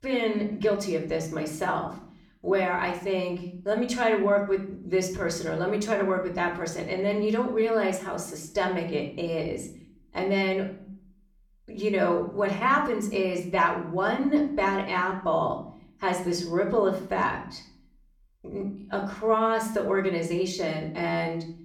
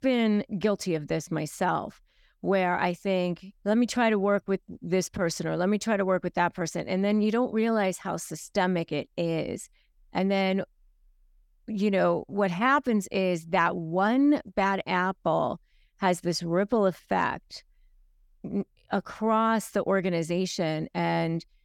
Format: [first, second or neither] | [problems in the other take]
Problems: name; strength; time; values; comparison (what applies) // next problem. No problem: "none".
second | room echo; slight; dies away in 0.5 s // off-mic speech; somewhat distant